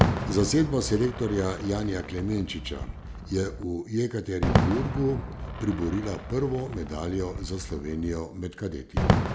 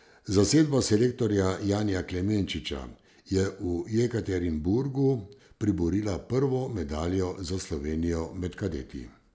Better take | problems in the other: second | background sound (Fireworks); 1 dB below the speech

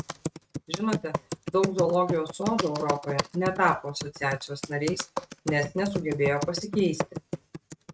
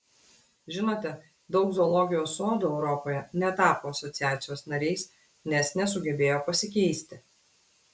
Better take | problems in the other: second | noise reduction (neural mask model RNNoise)

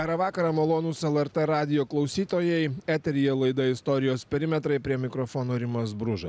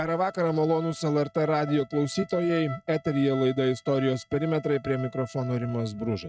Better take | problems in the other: first | noise reduction (neural mask model RNNoise)

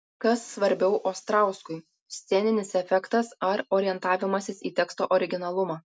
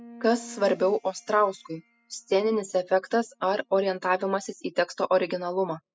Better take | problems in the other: first | noise reduction (classical method spectral subtraction)

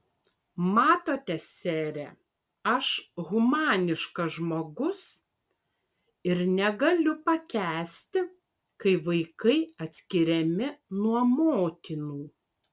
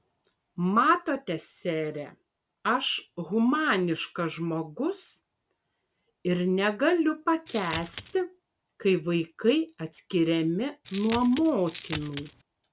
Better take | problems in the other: first | background sound (Coin (dropping)); 12 dB below the speech

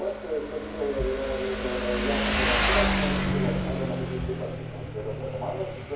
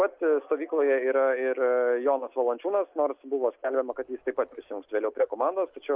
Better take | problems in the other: second | background sound (Motorcycle); 3 dB above the speech // room echo; dies away in 0.9 s

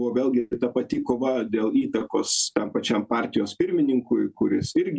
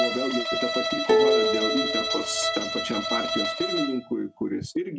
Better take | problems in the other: first | background sound (Plucked string instrument + Bowed string instrument); 3 dB above the speech

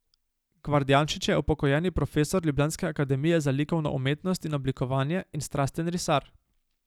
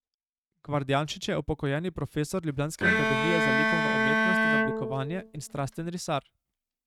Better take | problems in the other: first | noise reduction (neural mask model RNNoise)

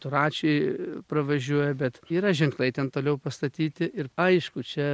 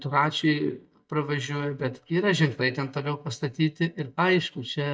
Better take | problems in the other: first | noise reduction (neural mask model DeepFilterNet 3)

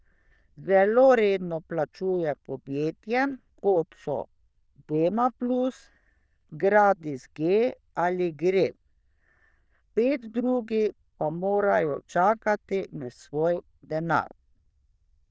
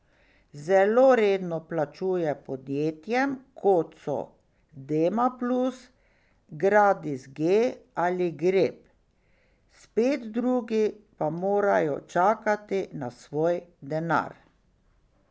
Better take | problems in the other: second | noise reduction (neural diffusion model UNIVERSE++)

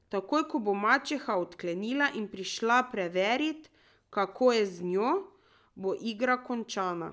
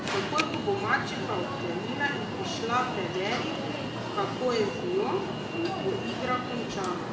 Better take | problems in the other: first | background sound (Alarm); 2 dB below the speech // room echo; dies away in 0.9 s

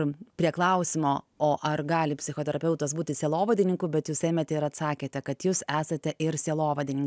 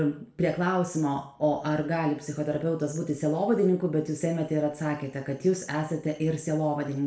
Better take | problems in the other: first | room echo; dies away in 0.4 s

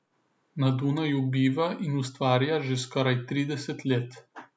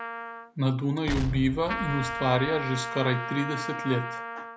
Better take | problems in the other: first | background sound (Trumpet + Explosion); 6 dB below the speech

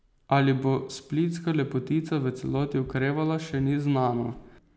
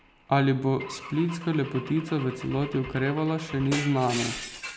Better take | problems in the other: first | background sound (Glass / Engine / Car); 12 dB below the speech

